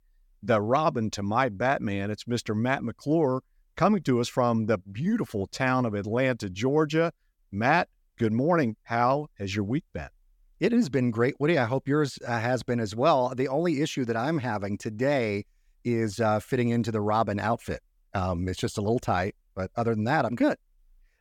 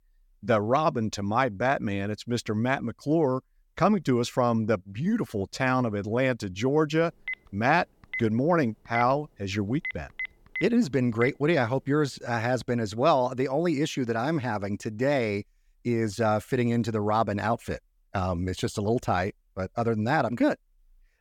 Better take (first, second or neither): first